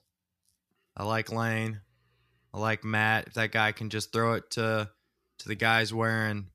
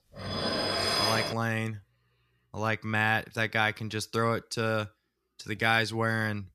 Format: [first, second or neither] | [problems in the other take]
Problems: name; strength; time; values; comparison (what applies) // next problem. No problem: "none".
first | clattering dishes; loud; until 1.5 s; peak 3 dB above the speech